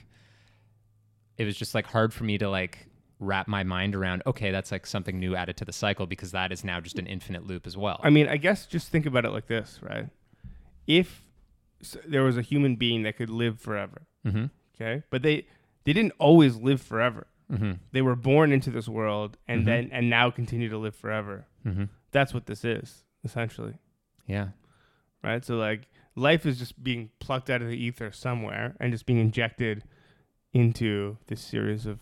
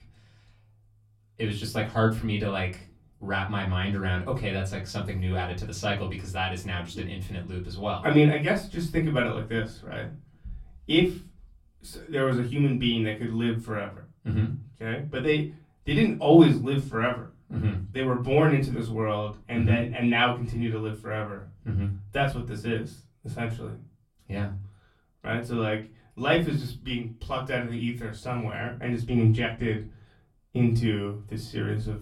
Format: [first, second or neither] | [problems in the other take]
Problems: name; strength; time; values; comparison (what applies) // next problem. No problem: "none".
first | off-mic speech; far // room echo; very slight; dies away in 0.3 s